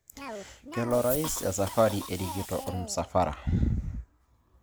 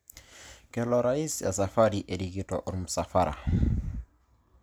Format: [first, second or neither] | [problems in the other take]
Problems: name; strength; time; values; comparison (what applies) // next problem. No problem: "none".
second | background sound (Cough); 11 dB below the speech